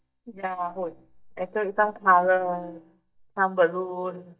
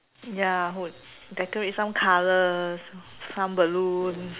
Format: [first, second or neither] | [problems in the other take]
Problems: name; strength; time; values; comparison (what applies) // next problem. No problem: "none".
second | noise reduction (neural mask model DeepFilterNet 3)